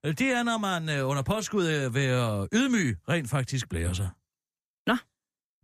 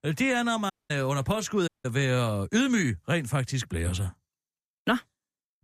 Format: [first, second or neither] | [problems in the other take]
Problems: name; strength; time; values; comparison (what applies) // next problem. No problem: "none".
first | audio cutting out; at 0.5 s and at 1.5 s